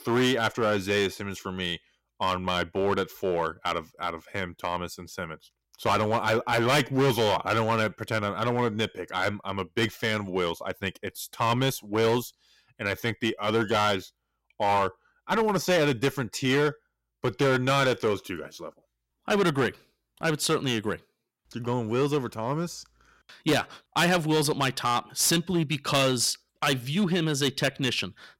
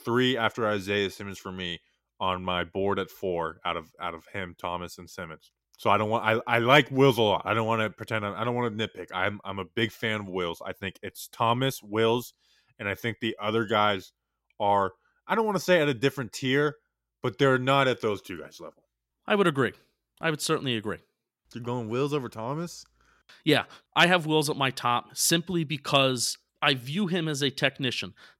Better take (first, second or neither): second